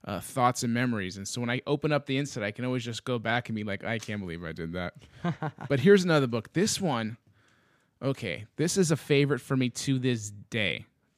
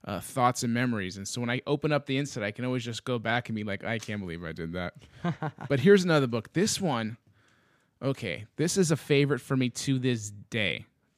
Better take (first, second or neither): neither